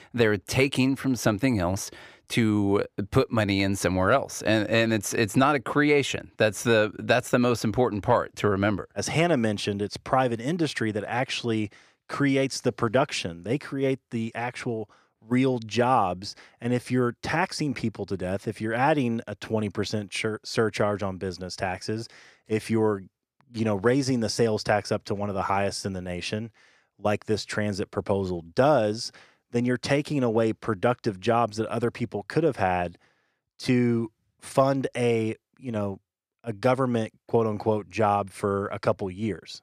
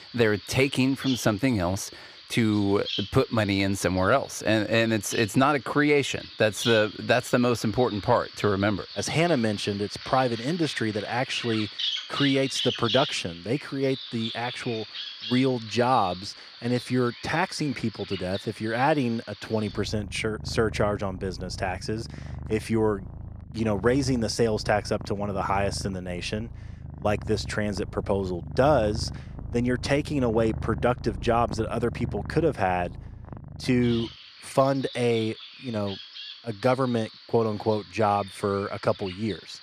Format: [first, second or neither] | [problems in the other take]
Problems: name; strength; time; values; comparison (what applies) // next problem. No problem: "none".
first | animal sounds; noticeable; throughout; 10 dB below the speech